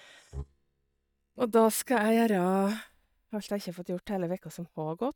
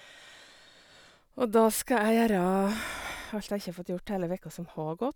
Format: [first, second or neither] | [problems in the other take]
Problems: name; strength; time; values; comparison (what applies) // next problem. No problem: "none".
second | noise reduction (neural mask model DeepFilterNet 3)